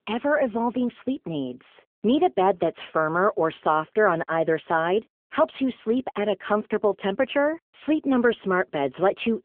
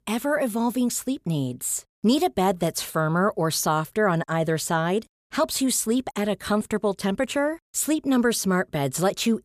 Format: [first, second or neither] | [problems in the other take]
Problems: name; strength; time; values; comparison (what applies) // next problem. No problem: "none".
second | phone-call audio; nothing above 3.5 kHz